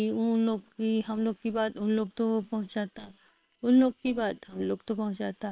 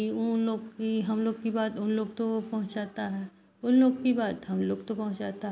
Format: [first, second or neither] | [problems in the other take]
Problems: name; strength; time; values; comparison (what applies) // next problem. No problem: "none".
second | noise reduction (neural separator model SepFormer WHAM!)